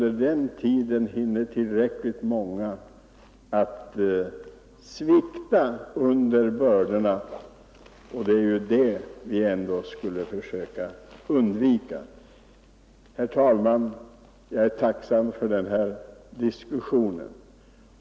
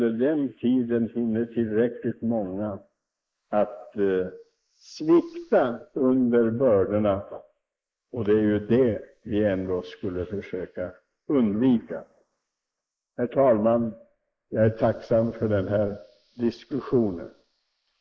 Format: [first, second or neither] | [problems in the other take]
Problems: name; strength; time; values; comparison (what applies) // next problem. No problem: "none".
first | noise reduction (neural mask model Resemble Enhance denoiser)